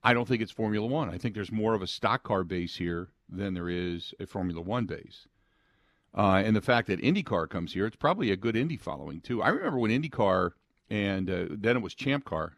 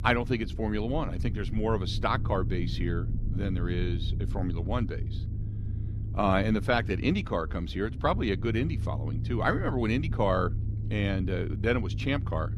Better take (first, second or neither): first